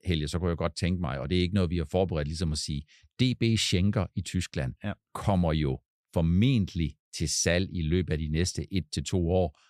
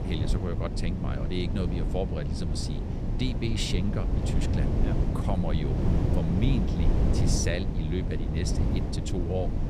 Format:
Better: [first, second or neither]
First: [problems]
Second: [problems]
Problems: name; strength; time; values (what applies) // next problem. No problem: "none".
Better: first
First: none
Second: wind noise on the microphone; heavy; 2 dB below the speech